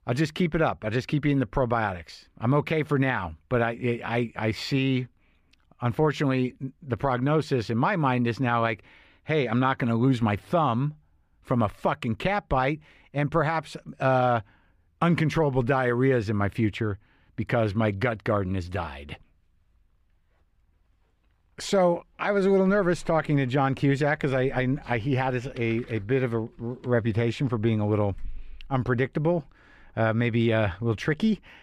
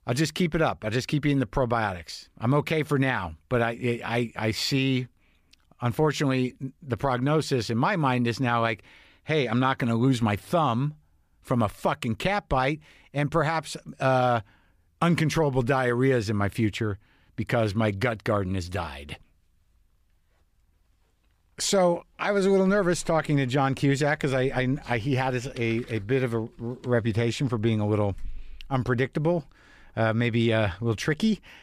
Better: second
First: muffled; very slightly; fading above 4 kHz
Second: none

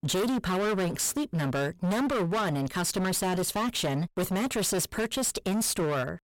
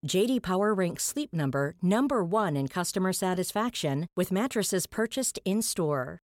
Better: second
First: distortion; heavy; 31% of the sound clipped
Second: none

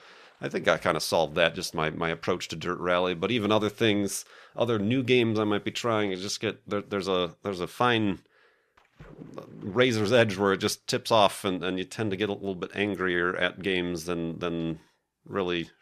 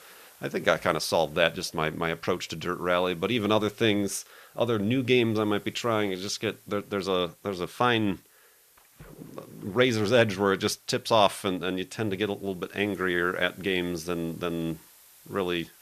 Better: first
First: none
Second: hiss; faint; throughout; 25 dB below the speech

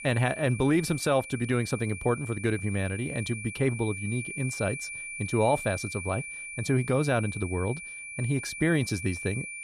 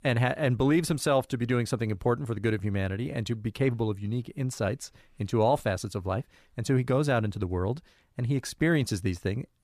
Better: second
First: high-pitched whine; loud; throughout; 2.5 kHz, 8 dB below the speech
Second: none

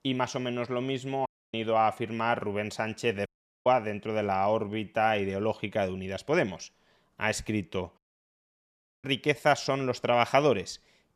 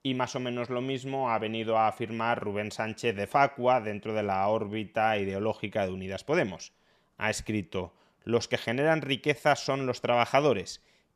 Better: second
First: audio cutting out; at 1.5 s, at 3.5 s and at 8 s for 1 s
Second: none

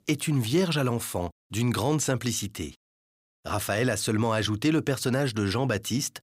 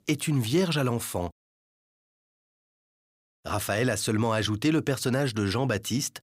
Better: first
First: none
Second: audio cutting out; at 1.5 s for 1.5 s

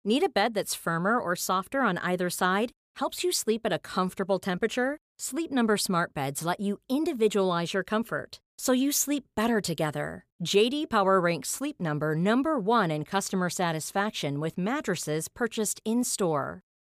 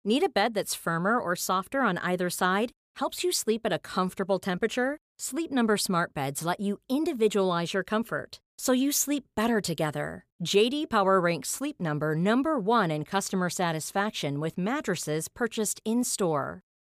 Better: neither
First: none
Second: none

